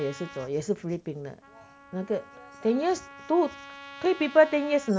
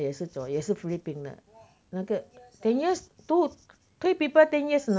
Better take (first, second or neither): second